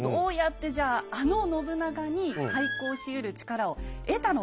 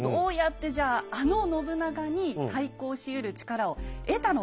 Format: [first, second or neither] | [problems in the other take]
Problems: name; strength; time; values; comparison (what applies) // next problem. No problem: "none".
second | background sound (Squeak); 6 dB below the speech